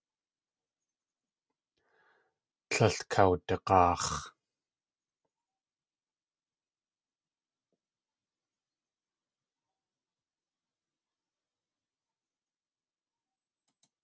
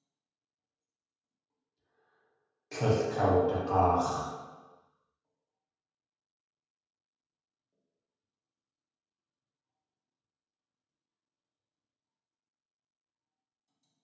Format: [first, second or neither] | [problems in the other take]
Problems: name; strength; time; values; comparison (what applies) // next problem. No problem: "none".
first | room echo; dies away in 1.2 s